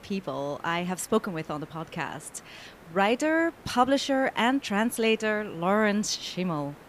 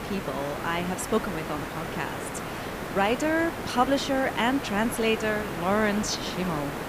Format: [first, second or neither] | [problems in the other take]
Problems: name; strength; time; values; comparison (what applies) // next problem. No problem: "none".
first | hiss; loud; throughout; 6 dB below the speech; faint in the first